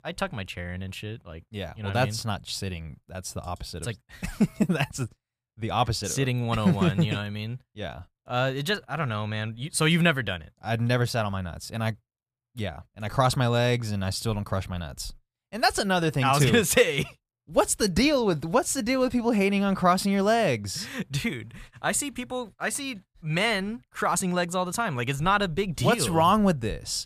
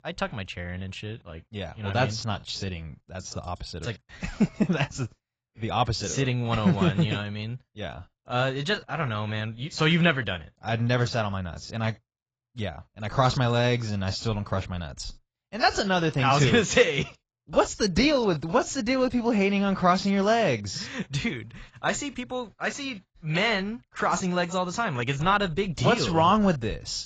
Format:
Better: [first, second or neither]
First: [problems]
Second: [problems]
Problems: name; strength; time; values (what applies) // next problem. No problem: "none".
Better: first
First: none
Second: garbled, watery; badly; nothing above 7.5 kHz